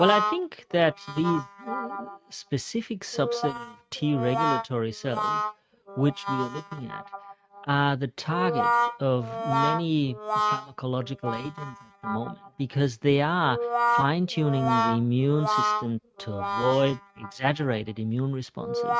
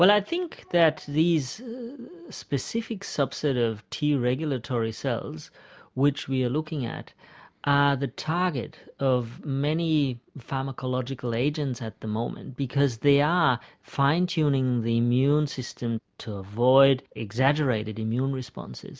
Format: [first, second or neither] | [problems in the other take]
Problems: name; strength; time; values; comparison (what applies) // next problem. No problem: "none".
second | noise reduction (neural mask model RNNoise)